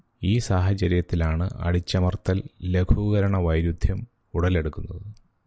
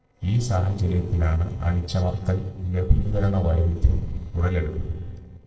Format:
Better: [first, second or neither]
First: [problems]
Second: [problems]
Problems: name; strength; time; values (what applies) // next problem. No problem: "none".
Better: first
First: none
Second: noise reduction (neural separator model SepFormer DNS4)